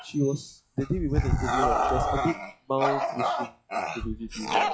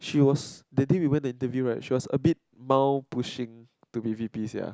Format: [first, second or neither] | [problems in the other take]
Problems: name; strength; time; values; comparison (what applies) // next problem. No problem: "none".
second | noise reduction (classical method log-MMSE)